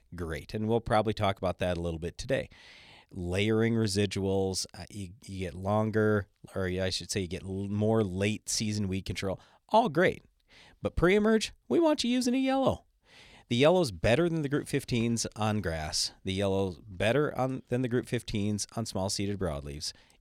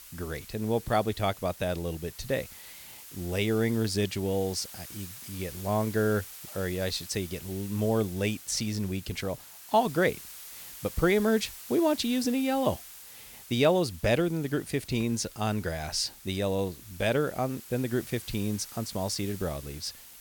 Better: first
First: none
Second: hiss; noticeable; throughout; 15 dB below the speech

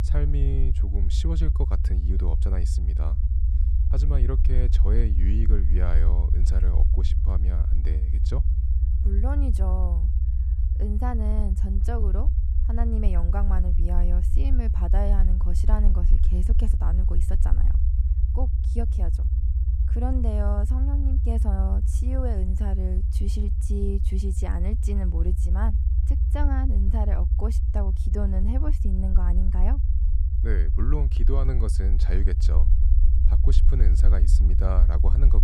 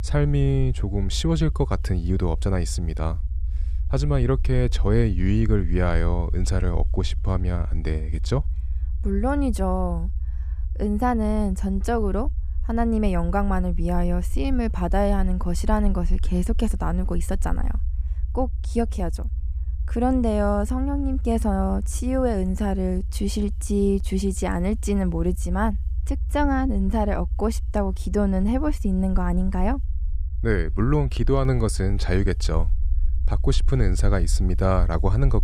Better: second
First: low rumble; loud; throughout; 5 dB below the speech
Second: low rumble; faint; throughout; 20 dB below the speech

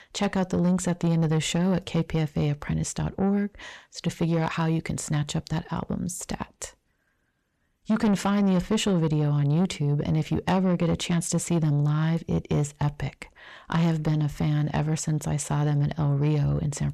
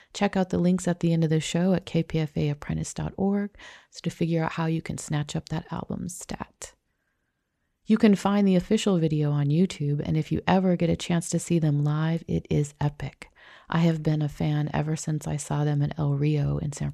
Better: second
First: distortion; slight; 10 dB below the speech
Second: none

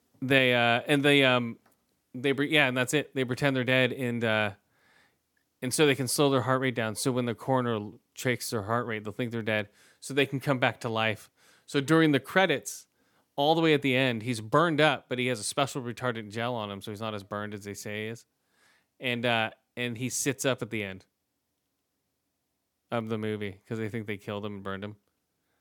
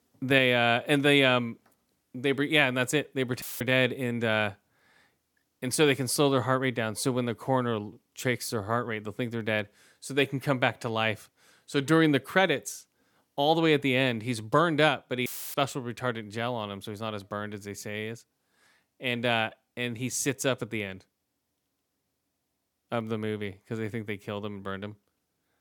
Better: first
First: none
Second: audio cutting out; filled with static; at 3.5 s and at 15 s

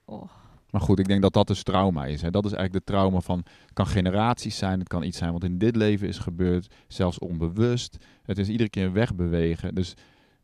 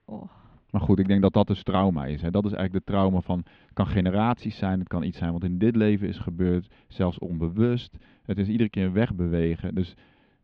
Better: first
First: none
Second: muffled; slightly; fading above 3 kHz

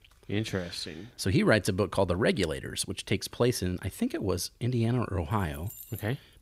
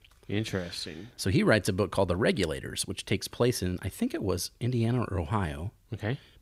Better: second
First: jangling keys; faint; at 5.5 s; peak 15 dB below the speech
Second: none

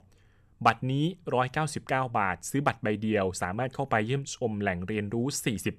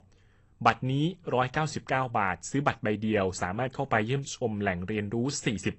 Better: first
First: none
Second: garbled, watery; slightly; nothing above 8 kHz

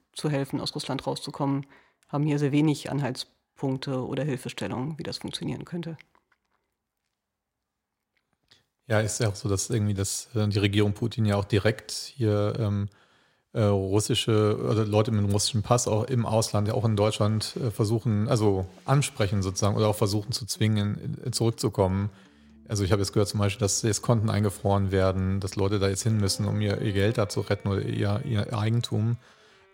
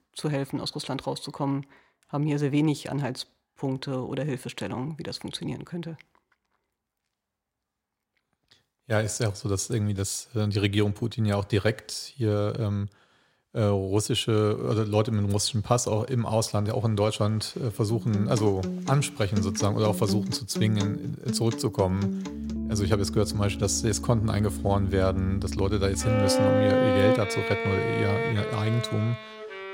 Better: first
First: background music; faint; from 18 s on; 25 dB below the speech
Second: background music; loud; from 18 s on; 3 dB below the speech

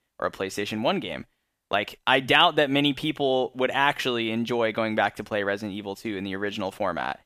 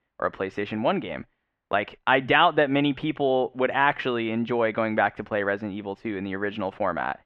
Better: first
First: none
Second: muffled; very; fading above 2 kHz

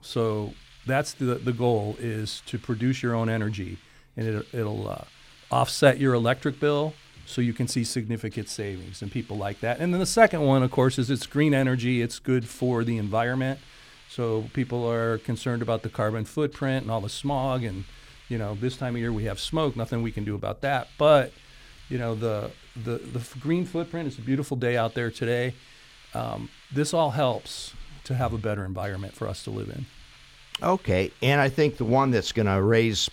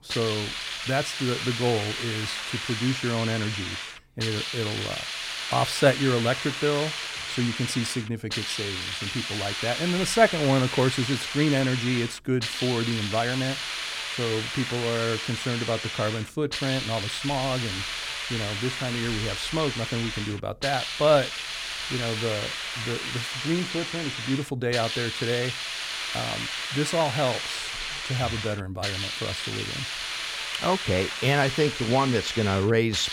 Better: first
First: hiss; faint; throughout; 25 dB below the speech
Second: hiss; loud; throughout; 3 dB below the speech

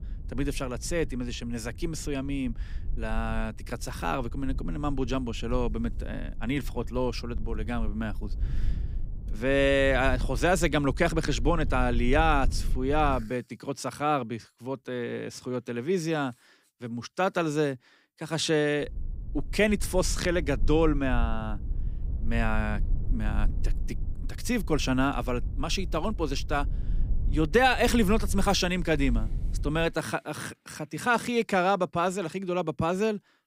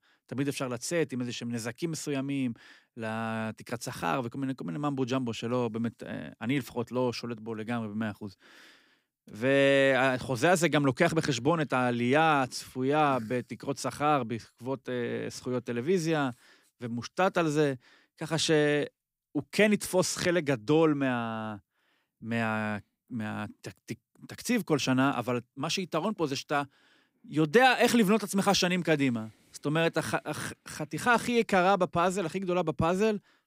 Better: second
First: low rumble; faint; until 13 s and from 19 to 30 s; 25 dB below the speech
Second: none

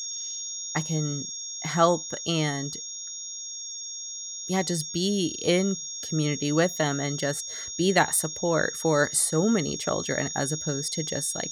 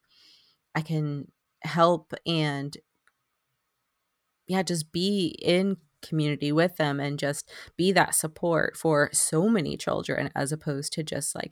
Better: second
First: high-pitched whine; loud; throughout; 6.5 kHz, 6 dB below the speech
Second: none

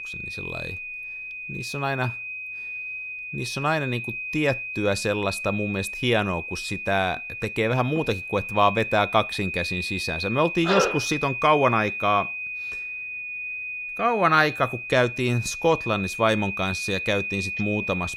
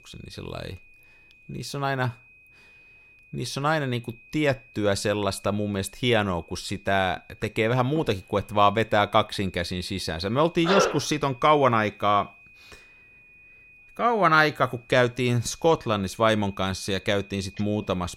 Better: second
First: high-pitched whine; loud; throughout; 2.5 kHz, 6 dB below the speech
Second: high-pitched whine; faint; throughout; 2.5 kHz, 25 dB below the speech

